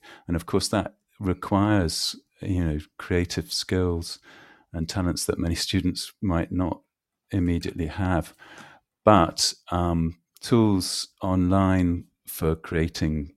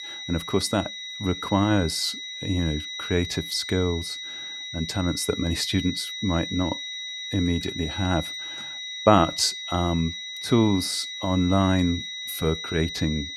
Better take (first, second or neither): first